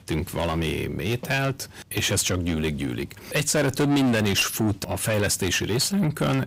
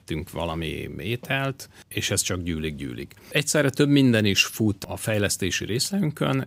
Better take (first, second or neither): second